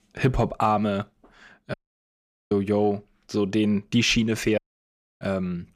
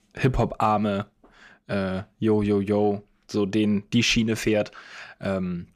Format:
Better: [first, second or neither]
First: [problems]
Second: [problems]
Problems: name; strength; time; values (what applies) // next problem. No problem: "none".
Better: second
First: audio cutting out; at 1.5 s for 1 s and at 4.5 s for 0.5 s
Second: none